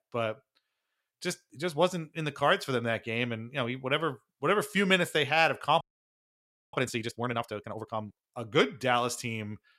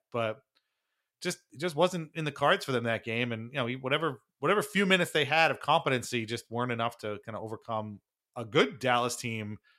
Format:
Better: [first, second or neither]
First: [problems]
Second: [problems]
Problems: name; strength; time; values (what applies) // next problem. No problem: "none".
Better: second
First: audio freezing; at 6 s for 1 s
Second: none